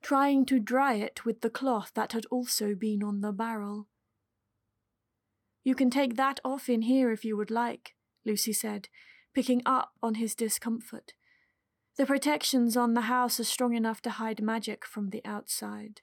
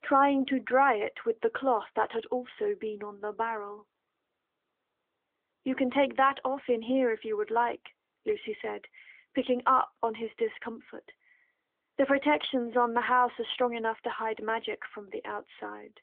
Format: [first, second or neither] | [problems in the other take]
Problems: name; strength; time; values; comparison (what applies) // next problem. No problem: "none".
first | phone-call audio; nothing above 3.5 kHz